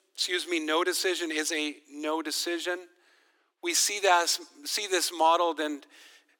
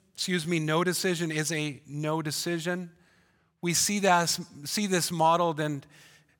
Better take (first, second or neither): second